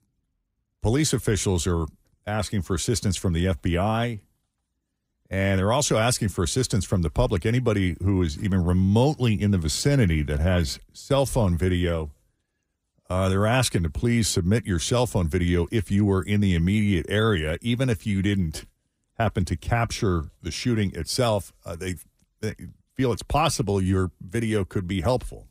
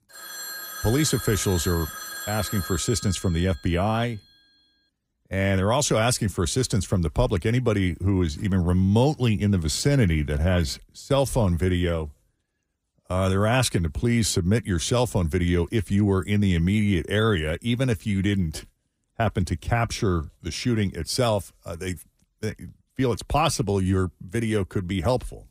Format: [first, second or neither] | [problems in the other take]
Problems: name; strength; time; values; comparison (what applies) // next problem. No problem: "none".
first | phone ringing; noticeable; until 4 s; peak 8 dB below the speech